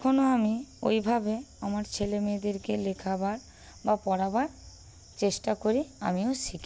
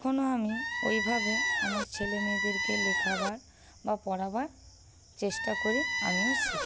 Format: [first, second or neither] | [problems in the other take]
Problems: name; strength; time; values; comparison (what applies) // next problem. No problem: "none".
first | background sound (Squeak); 2 dB above the speech